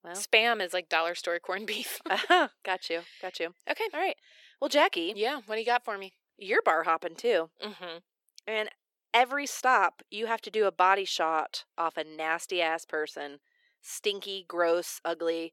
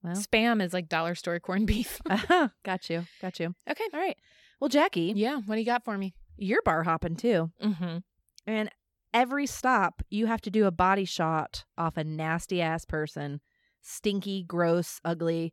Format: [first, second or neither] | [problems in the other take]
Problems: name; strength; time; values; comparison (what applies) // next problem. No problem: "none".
second | thin; very; fading below 350 Hz